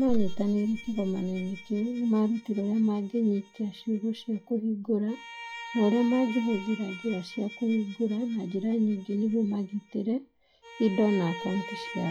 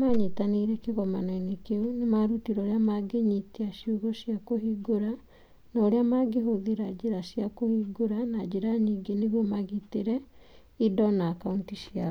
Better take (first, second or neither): second